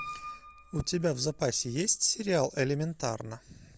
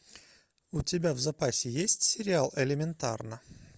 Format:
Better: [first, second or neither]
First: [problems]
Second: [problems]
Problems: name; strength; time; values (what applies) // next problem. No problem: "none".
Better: second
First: background sound (Piano); 18 dB below the speech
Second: none